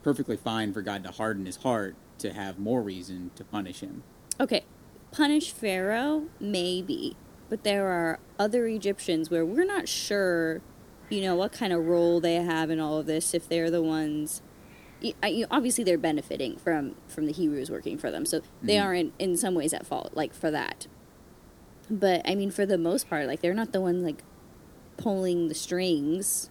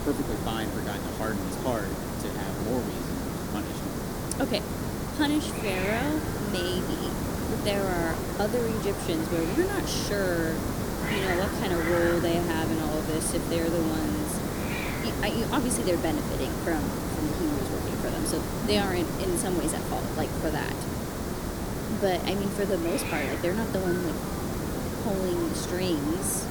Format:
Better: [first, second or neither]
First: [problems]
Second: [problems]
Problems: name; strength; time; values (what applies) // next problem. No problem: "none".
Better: first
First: hiss; faint; throughout; 25 dB below the speech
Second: hiss; loud; throughout; 1 dB below the speech